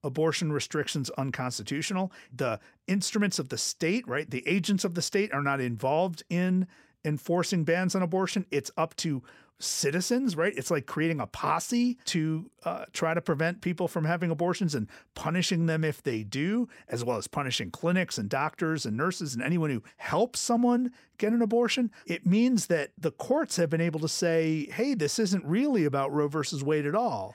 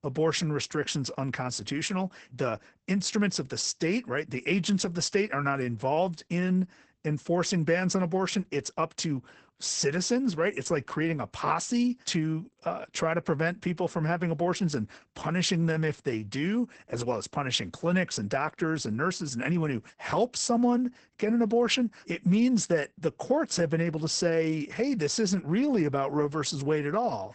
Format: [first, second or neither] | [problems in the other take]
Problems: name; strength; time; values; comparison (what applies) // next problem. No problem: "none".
first | garbled, watery; badly; nothing above 8 kHz